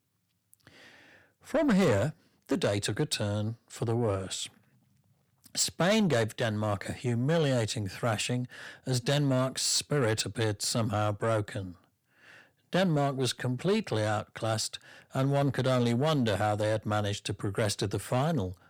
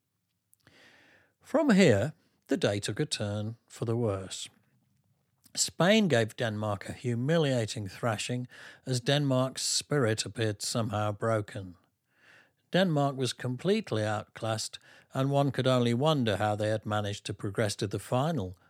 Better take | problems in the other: second | distortion; slight; 10 dB below the speech

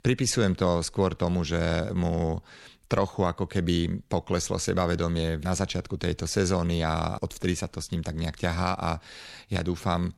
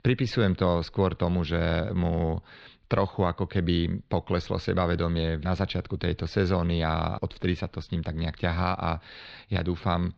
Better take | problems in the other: first | muffled; slightly; fading above 4 kHz

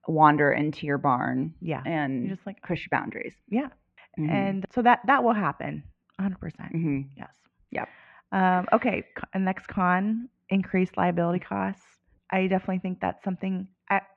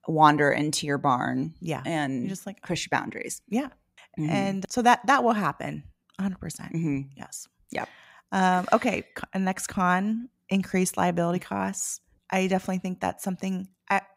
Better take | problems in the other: second | muffled; very; fading above 2.5 kHz

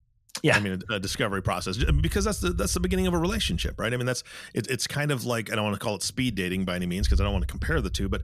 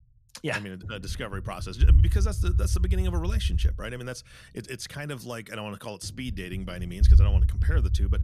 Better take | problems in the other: first | low rumble; loud; throughout; 7 dB below the speech; faint in the first

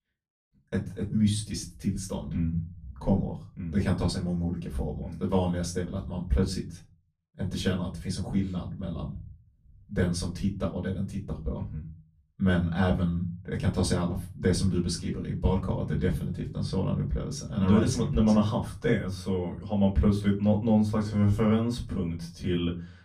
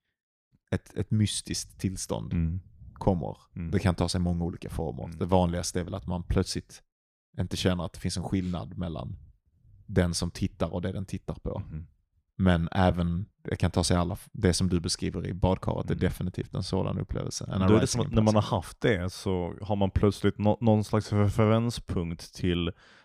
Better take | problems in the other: second | off-mic speech; far // room echo; very slight; dies away in 0.3 s

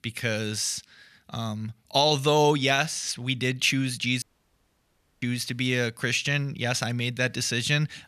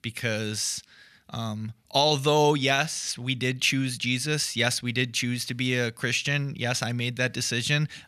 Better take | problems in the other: second | audio cutting out; at 4 s for 1 s

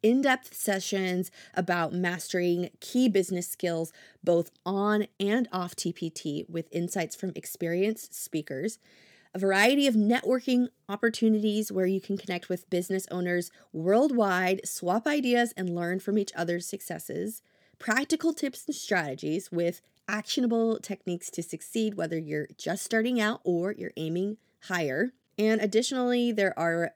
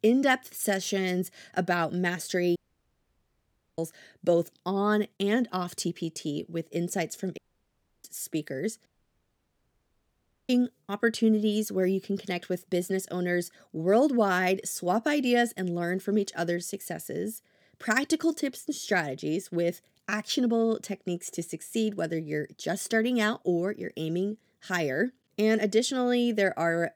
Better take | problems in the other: first | audio cutting out; at 2.5 s for 1 s, at 7.5 s for 0.5 s and at 9 s for 1.5 s

